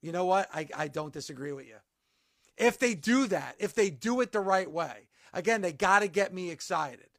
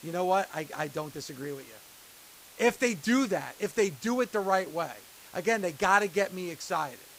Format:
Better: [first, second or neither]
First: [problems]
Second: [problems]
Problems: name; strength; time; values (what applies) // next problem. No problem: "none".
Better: first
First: none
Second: hiss; faint; throughout; 20 dB below the speech